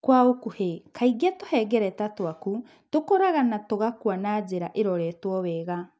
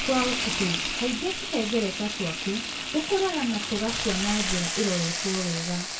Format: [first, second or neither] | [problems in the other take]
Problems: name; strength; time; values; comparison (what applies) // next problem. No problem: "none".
first | background sound (Frying (food)); 2 dB below the speech // room echo; dies away in 0.1 s